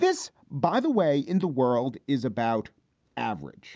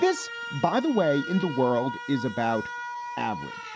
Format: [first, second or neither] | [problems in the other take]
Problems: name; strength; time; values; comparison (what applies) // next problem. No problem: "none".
first | background sound (Alarm); 9 dB below the speech